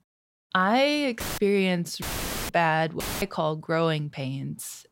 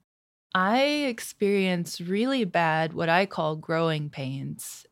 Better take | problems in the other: second | audio cutting out; filled with static; at 1 s, at 2 s and at 3 s

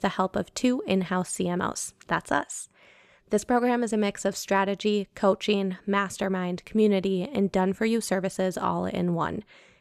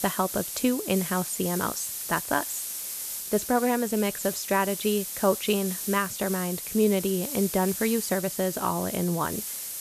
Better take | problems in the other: first | hiss; loud; throughout; 5 dB below the speech

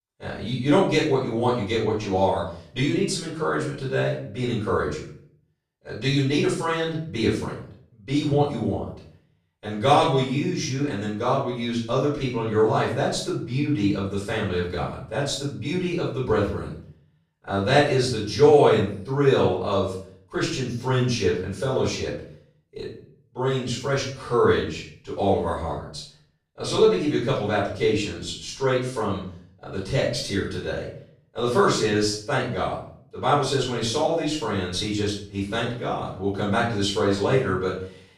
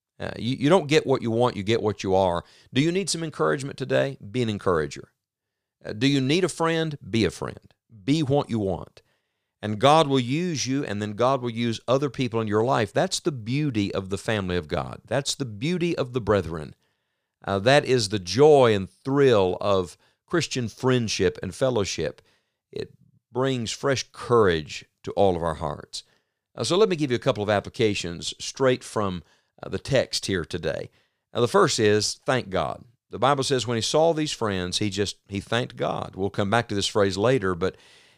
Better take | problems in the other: second | off-mic speech; far // room echo; noticeable; dies away in 0.5 s

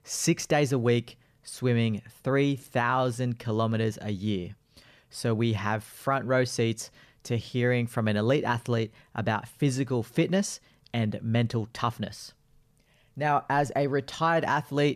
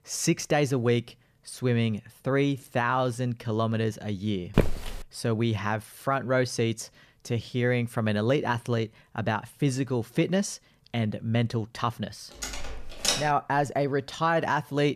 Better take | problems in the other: first | footsteps; loud; at 4.5 s; peak 1 dB above the speech // door banging; loud; at 12 s; peak 2 dB above the speech

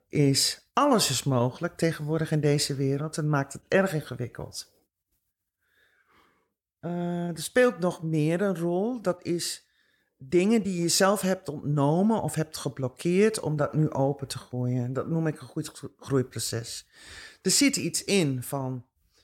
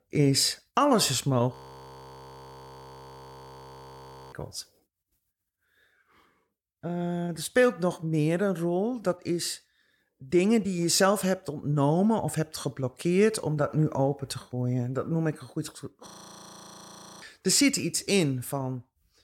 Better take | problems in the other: first | audio freezing; at 1.5 s for 3 s and at 16 s for 1 s

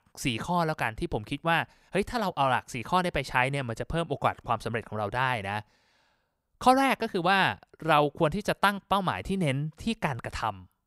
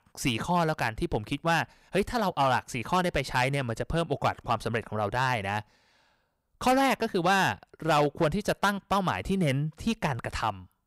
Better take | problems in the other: first | distortion; slight; 4% of the sound clipped

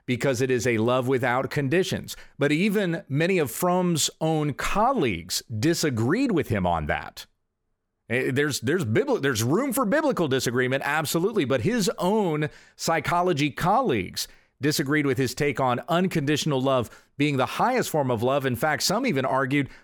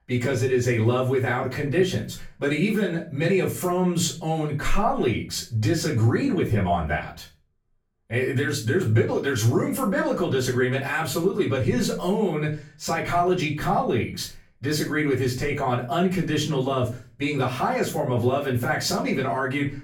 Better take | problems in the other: first | room echo; slight; dies away in 0.3 s // off-mic speech; far

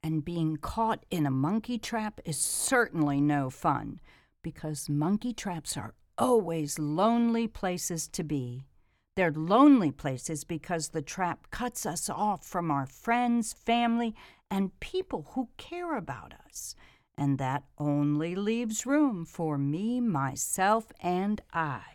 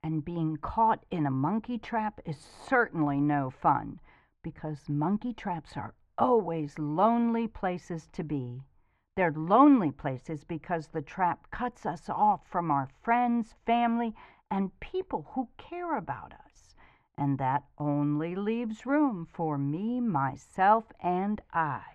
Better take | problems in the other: first | muffled; very; fading above 2 kHz

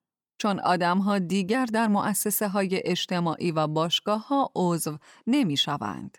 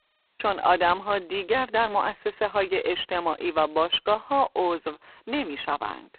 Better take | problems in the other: first | phone-call audio; poor line; nothing above 4 kHz

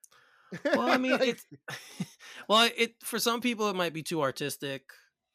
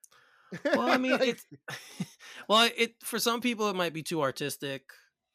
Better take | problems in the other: neither | none

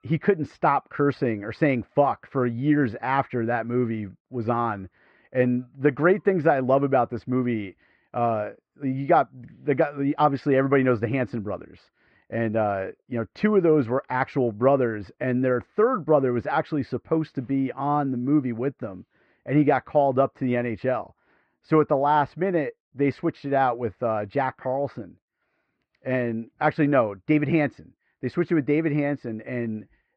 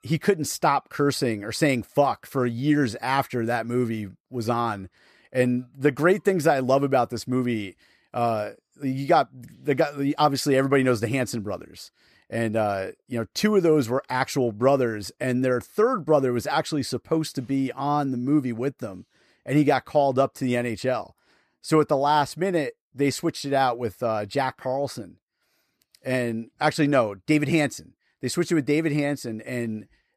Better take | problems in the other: second | muffled; very; fading above 2.5 kHz

